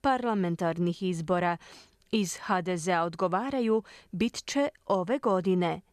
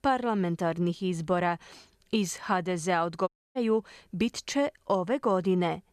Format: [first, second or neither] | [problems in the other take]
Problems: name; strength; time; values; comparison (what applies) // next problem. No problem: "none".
first | audio cutting out; at 3.5 s